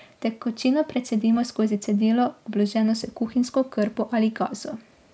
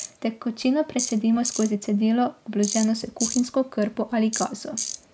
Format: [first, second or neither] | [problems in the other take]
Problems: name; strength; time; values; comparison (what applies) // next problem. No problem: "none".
first | background sound (Tools); 10 dB below the speech